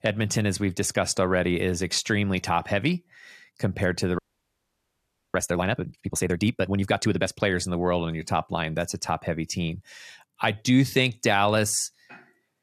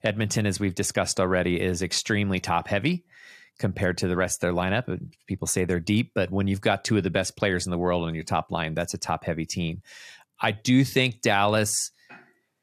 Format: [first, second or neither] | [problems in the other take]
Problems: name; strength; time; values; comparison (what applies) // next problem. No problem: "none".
second | audio freezing; at 4 s for 1 s